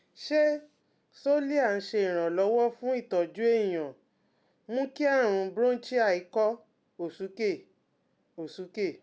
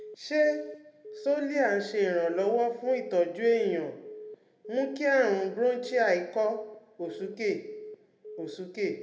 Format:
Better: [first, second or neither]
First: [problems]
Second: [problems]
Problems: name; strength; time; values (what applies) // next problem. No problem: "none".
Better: first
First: none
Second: background sound (Telephone); 16 dB below the speech // room echo; dies away in 0.7 s